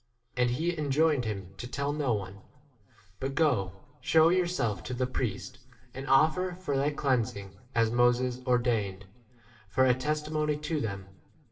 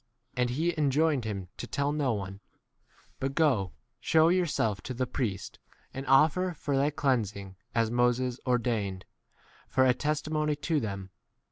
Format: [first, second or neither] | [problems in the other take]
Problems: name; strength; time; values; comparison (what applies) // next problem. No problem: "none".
second | room echo; dies away in 0.8 s